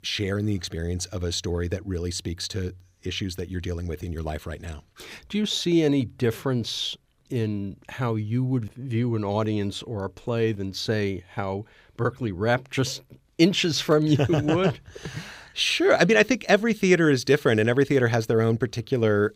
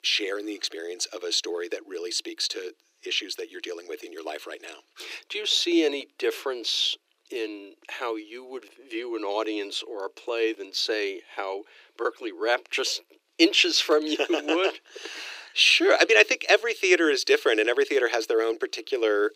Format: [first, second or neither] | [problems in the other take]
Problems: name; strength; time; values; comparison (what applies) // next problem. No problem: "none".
first | thin; very; fading below 300 Hz